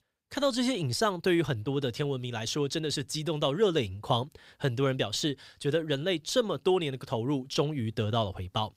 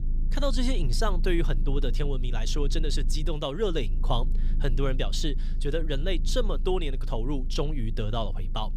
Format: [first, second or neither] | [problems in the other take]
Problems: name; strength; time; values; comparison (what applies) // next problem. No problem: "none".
first | low rumble; noticeable; throughout; 20 dB below the speech